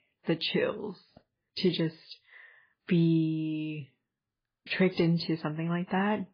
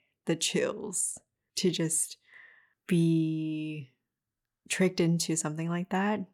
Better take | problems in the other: second | garbled, watery; badly; nothing above 4.5 kHz

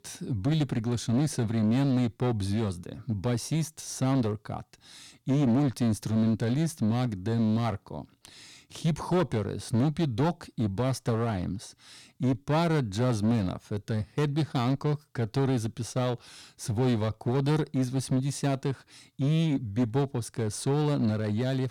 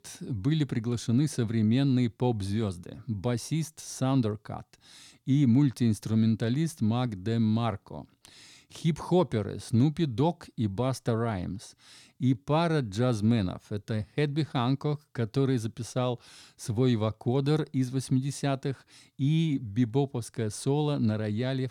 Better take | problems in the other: second | distortion; slight; 10% of the sound clipped

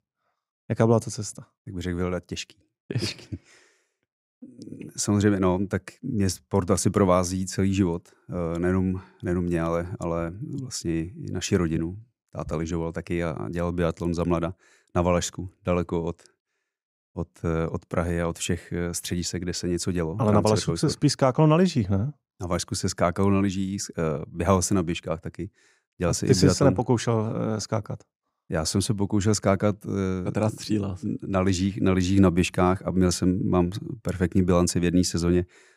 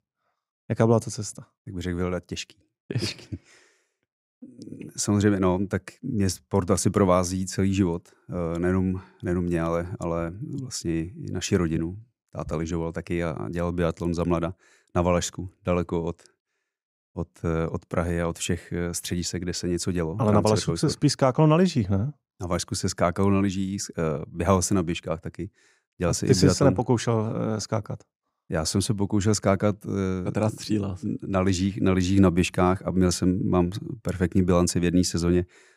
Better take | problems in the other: neither | none

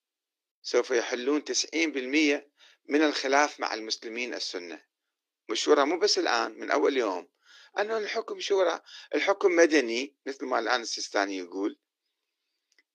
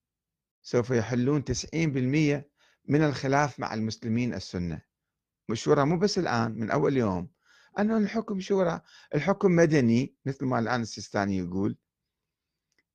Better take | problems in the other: second | thin; somewhat; fading below 300 Hz

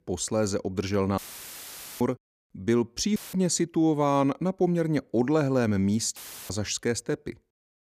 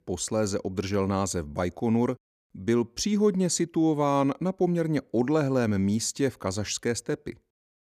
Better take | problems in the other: second | audio cutting out; filled with static; at 1 s for 1 s, at 3 s and at 6 s

